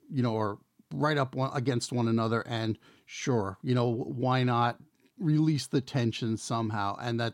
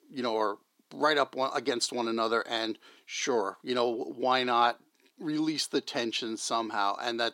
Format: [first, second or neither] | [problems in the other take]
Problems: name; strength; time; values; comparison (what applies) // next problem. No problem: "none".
first | thin; somewhat; fading below 350 Hz